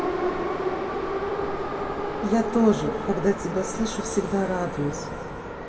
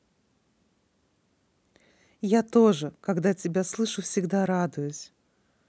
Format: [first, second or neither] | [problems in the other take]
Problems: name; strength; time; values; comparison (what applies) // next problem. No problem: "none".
second | background sound (Subway, metro, underground); 2 dB below the speech // room echo; dies away in 2.2 s